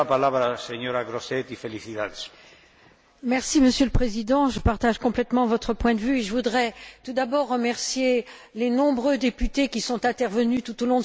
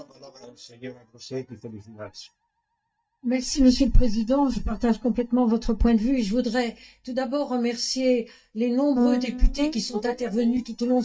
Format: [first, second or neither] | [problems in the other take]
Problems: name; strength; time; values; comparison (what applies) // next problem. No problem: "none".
first | noise reduction (neural mask model DeepFilterNet 3)